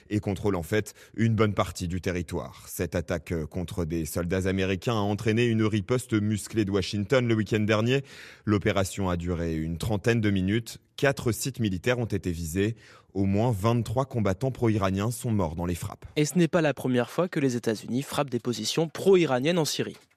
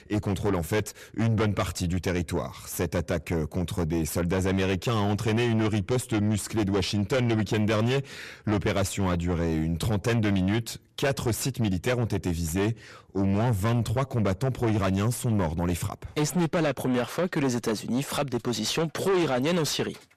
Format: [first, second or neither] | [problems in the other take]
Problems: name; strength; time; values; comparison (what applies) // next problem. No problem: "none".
first | distortion; heavy; 8 dB below the speech